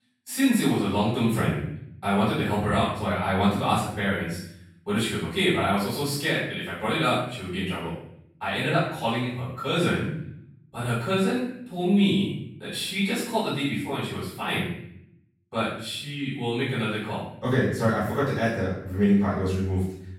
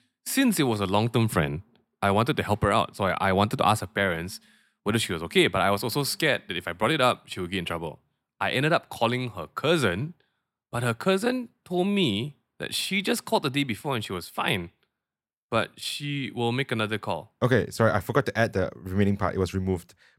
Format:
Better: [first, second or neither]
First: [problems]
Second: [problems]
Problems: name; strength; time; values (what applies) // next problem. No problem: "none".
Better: second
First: off-mic speech; far // room echo; strong; dies away in 0.7 s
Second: none